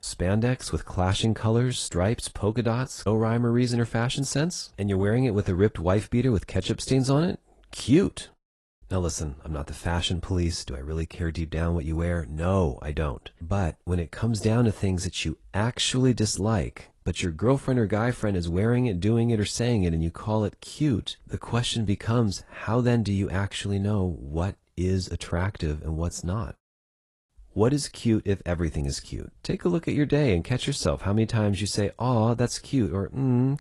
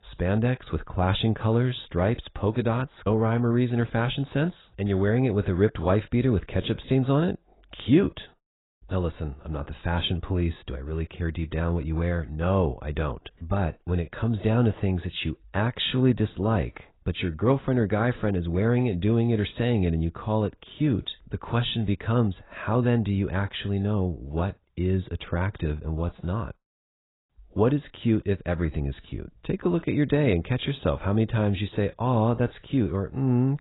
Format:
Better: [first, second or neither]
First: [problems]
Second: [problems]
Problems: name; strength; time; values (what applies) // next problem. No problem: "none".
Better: first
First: garbled, watery; slightly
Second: garbled, watery; badly; nothing above 4 kHz